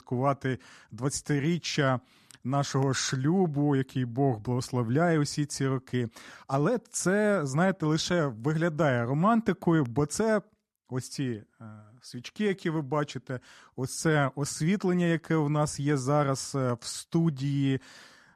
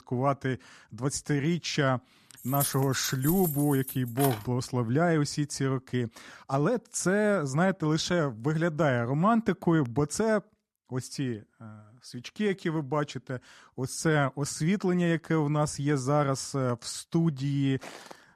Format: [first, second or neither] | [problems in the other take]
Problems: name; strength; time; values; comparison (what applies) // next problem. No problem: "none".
first | jangling keys; noticeable; from 2.5 to 4.5 s; peak 3 dB below the speech // footsteps; faint; at 18 s; peak 15 dB below the speech